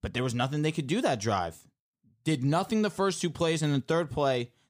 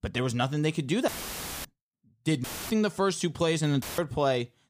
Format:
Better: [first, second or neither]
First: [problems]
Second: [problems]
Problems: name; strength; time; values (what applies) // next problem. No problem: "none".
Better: first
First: none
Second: audio cutting out; filled with static; at 1 s for 0.5 s, at 2.5 s and at 4 s